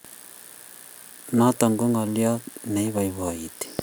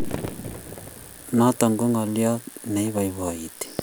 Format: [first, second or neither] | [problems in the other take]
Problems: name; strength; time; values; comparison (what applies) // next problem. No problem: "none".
first | background sound (Fireworks); 11 dB below the speech